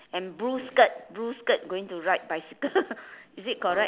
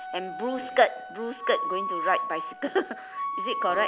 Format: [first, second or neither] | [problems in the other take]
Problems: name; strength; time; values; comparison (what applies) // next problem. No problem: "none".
first | background sound (Wind instrument, woodwind instrument); 4 dB below the speech